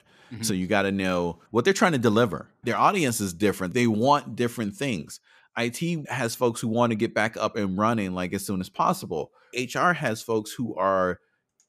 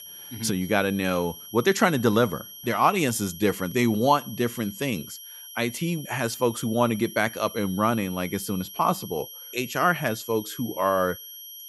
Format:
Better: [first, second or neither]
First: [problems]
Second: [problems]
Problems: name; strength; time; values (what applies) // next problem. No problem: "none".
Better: first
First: none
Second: high-pitched whine; noticeable; throughout; 11.5 kHz, 15 dB below the speech